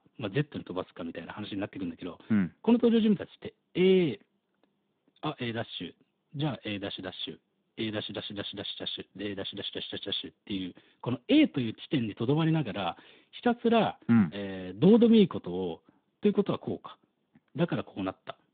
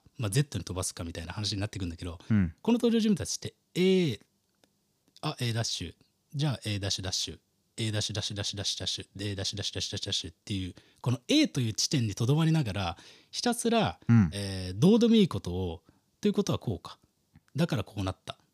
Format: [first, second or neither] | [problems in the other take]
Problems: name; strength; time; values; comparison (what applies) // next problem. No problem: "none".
second | phone-call audio; nothing above 3.5 kHz